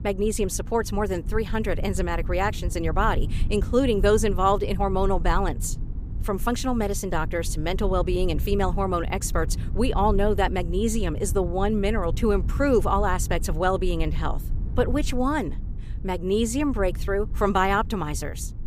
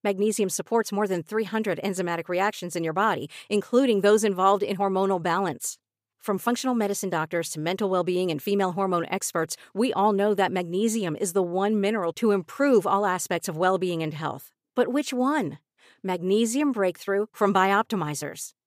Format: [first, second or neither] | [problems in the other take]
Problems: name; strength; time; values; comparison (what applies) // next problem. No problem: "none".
second | low rumble; faint; throughout; 20 dB below the speech